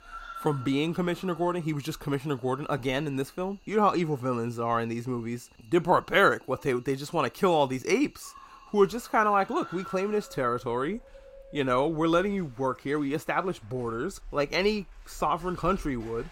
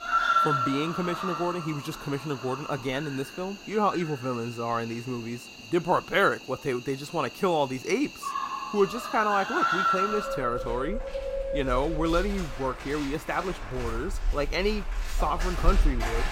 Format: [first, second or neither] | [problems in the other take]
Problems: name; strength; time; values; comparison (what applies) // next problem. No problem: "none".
first | animal sounds; loud; throughout; 2 dB below the speech; faint in the first